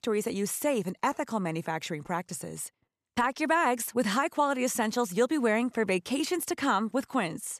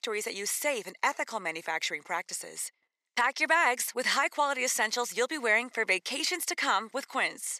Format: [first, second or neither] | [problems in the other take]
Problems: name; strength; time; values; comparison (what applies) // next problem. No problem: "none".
first | thin; somewhat; fading below 500 Hz